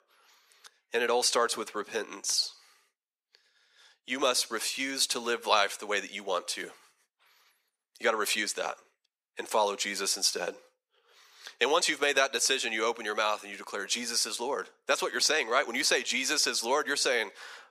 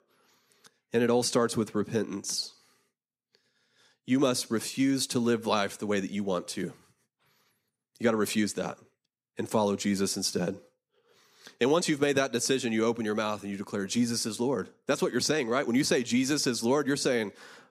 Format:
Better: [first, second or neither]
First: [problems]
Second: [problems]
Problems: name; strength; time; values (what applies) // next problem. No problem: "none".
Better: second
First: thin; very; fading below 700 Hz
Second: none